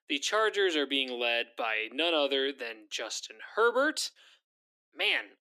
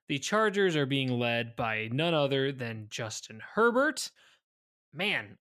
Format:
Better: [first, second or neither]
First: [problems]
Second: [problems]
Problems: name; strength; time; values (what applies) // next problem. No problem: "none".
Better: second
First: thin; somewhat; fading below 300 Hz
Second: none